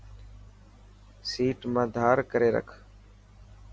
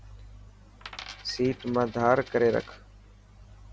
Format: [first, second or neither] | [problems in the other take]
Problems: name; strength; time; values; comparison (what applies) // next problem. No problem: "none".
first | background sound (Coin (dropping)); 18 dB below the speech